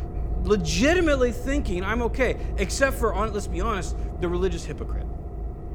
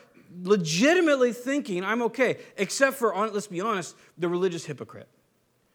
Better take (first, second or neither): second